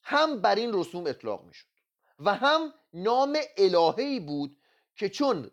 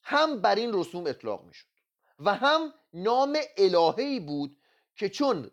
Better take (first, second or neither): neither